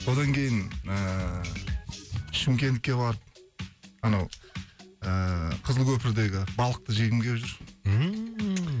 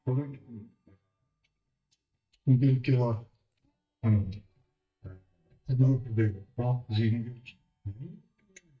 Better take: first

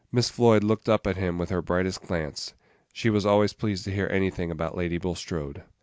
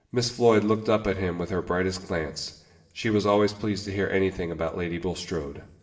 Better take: first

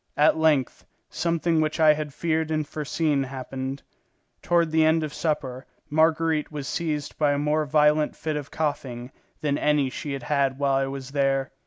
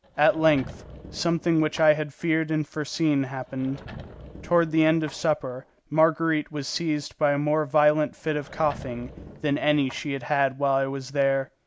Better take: first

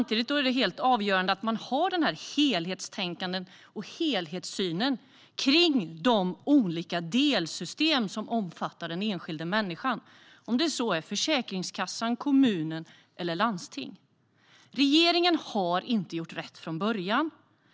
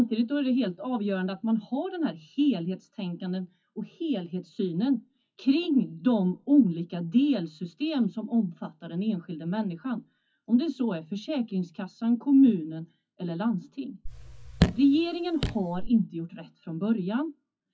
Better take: first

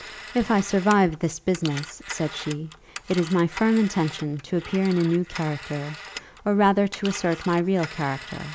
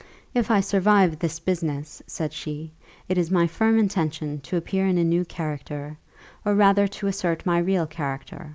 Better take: second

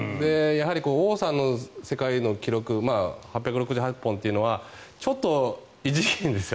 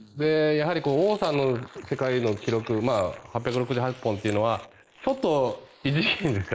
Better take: first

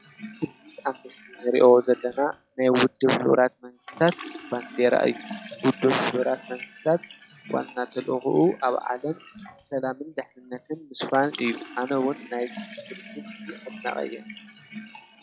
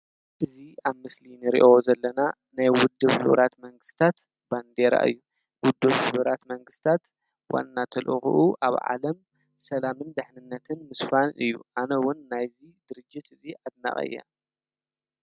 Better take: second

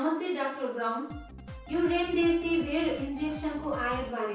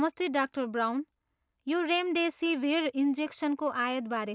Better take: second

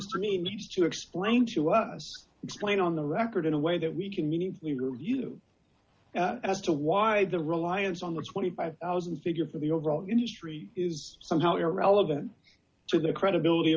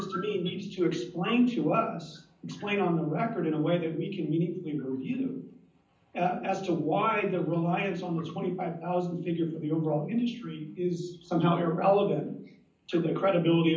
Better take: first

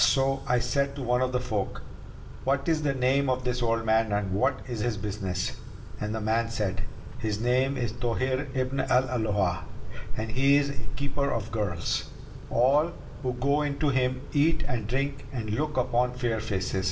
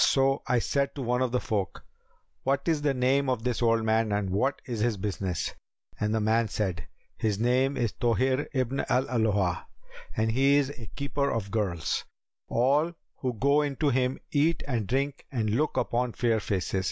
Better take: second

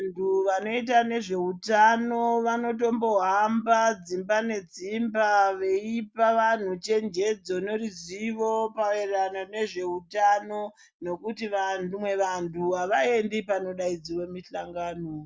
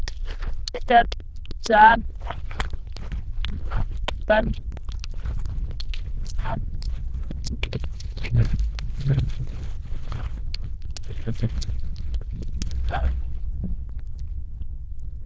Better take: first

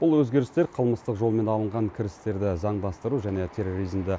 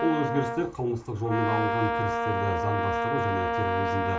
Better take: first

